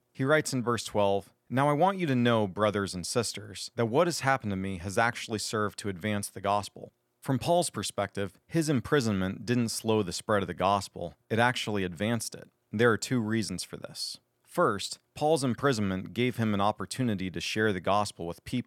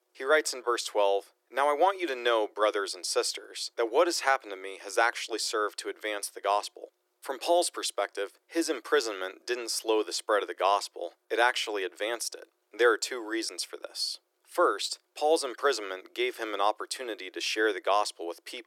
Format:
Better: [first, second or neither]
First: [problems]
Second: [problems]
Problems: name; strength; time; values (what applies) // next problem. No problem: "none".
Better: first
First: none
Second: thin; very; fading below 350 Hz